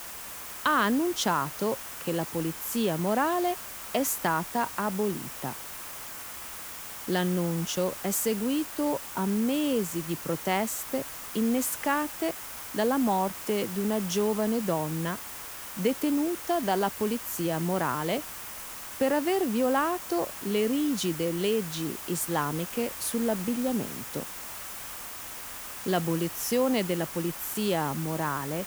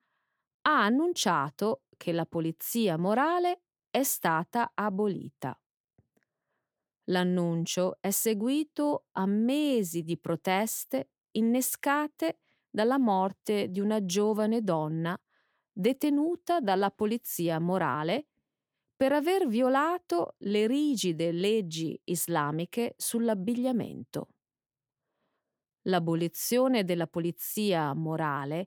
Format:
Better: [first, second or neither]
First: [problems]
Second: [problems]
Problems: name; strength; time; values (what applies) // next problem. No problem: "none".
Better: second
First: hiss; loud; throughout; 8 dB below the speech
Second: none